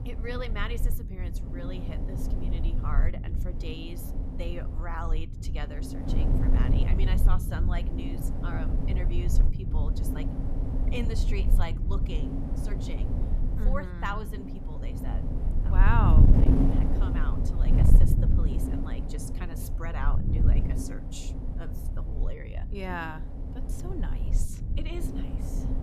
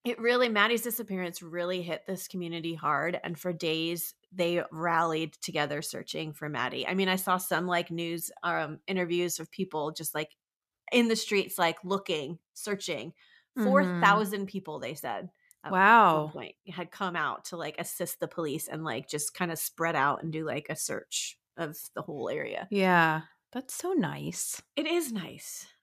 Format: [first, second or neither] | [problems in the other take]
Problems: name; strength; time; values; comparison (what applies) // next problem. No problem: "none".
second | wind noise on the microphone; heavy; 2 dB below the speech